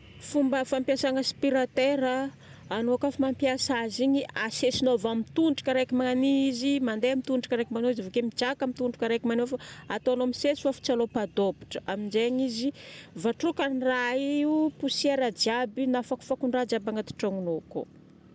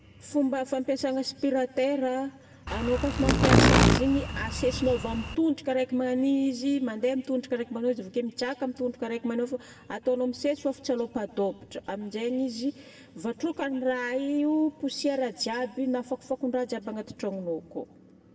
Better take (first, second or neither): first